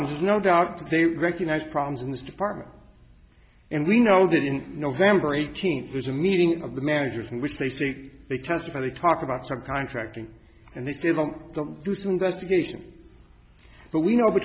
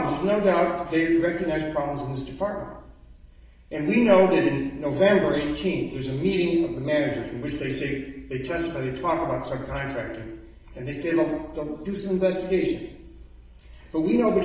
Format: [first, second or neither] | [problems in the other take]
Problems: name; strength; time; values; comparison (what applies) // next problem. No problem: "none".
first | room echo; dies away in 0.9 s